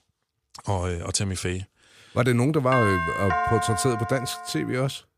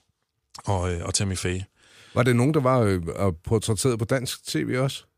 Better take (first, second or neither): second